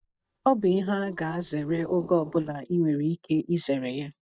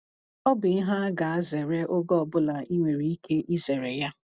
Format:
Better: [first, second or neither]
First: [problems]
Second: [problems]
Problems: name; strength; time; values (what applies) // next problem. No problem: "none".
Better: second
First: noise reduction (neural mask model DeepFilterNet 3)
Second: none